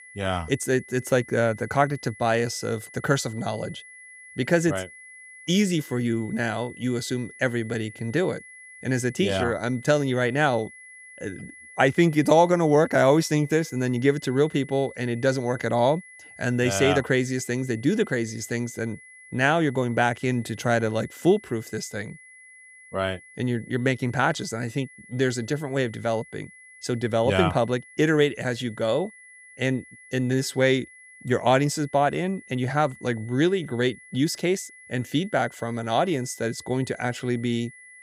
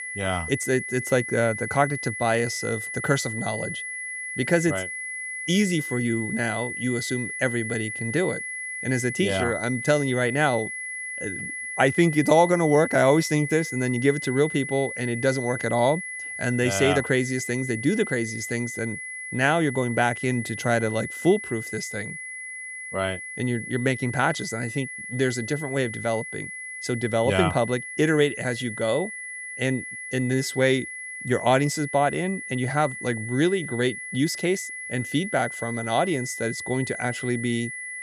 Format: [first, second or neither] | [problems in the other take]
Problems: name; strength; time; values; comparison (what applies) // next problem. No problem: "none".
first | high-pitched whine; loud; throughout; 2 kHz, 7 dB below the speech; faint in the first